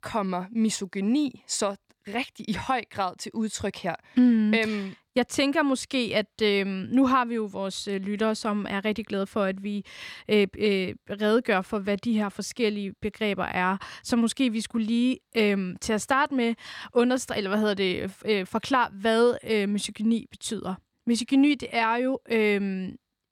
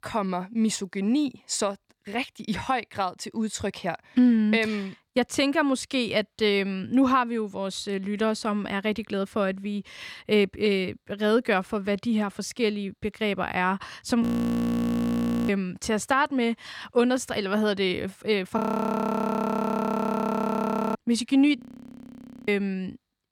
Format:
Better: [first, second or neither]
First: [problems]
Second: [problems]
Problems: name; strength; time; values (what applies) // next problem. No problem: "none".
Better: first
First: none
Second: audio freezing; at 14 s for 1.5 s, at 19 s for 2.5 s and at 22 s for 1 s